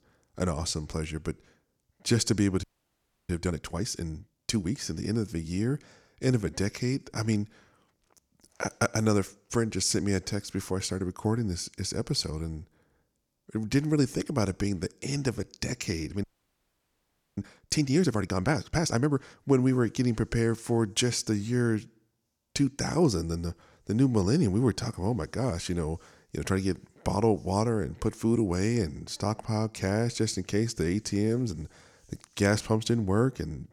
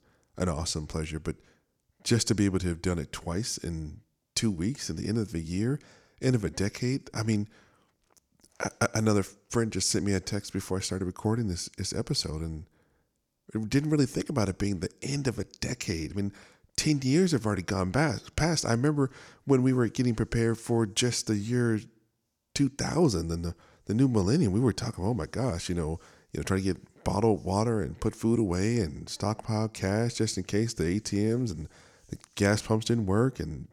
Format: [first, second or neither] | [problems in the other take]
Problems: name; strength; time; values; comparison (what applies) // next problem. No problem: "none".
second | audio freezing; at 2.5 s for 0.5 s and at 16 s for 1 s